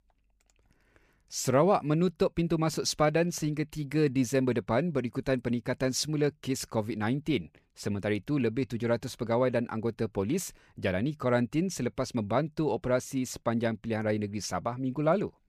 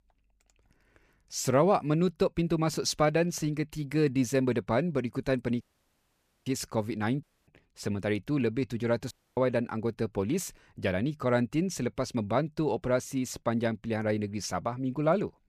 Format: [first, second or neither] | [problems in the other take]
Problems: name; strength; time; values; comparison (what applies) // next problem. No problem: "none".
first | audio cutting out; at 5.5 s for 1 s, at 7 s and at 9 s